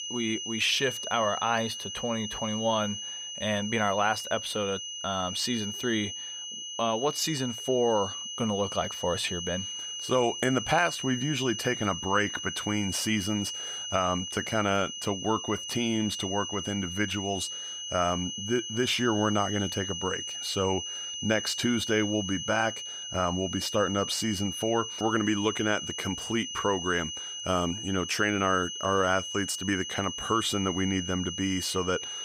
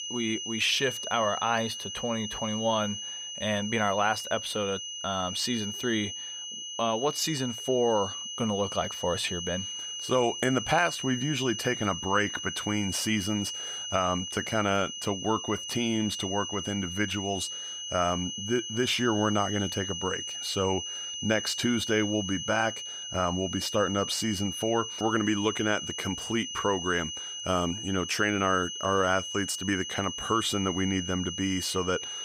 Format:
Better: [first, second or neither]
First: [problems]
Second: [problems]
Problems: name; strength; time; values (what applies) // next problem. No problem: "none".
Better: neither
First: high-pitched whine; loud; throughout; 3 kHz, 5 dB below the speech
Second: high-pitched whine; loud; throughout; 3 kHz, 5 dB below the speech